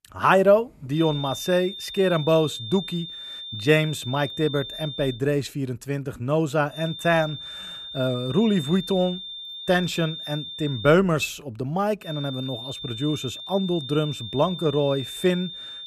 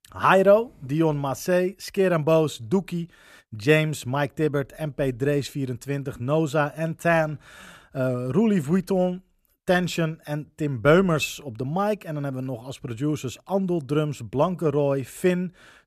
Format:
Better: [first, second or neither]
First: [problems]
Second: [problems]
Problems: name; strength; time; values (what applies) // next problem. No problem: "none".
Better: second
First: high-pitched whine; loud; from 1 to 5 s, from 7 to 11 s and from 12 s on; 3.5 kHz, 10 dB below the speech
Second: none